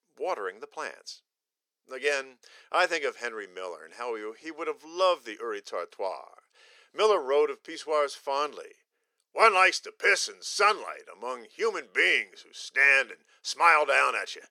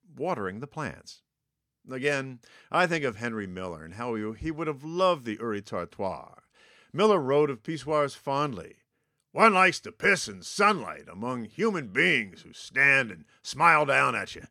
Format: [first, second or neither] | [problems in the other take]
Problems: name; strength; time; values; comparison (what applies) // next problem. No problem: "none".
second | thin; very; fading below 450 Hz